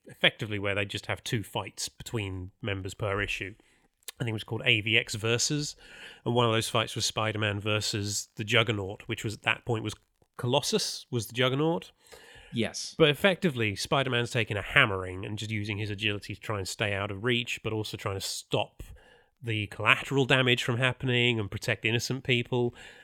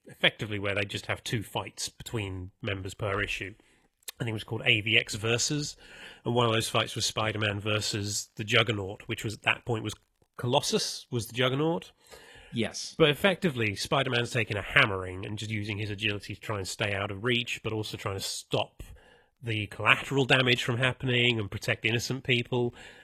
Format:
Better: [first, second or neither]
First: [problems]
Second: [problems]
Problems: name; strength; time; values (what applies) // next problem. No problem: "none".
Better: first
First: none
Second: garbled, watery; slightly